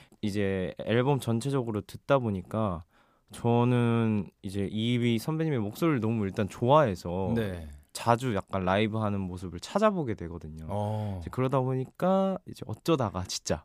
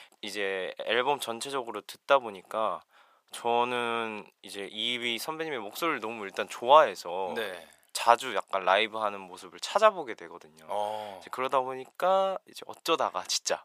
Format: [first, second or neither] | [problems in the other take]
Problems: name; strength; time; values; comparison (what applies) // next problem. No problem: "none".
first | thin; very; fading below 750 Hz